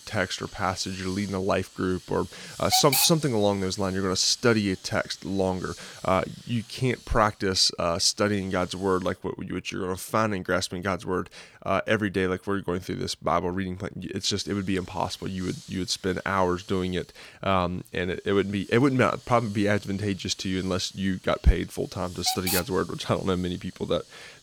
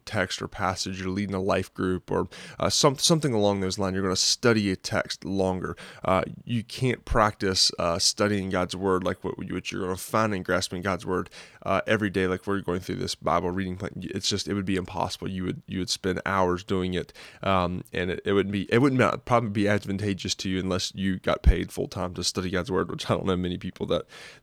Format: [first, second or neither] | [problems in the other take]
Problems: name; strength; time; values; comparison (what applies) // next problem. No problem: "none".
second | hiss; loud; until 9 s and from 14 s on; 6 dB below the speech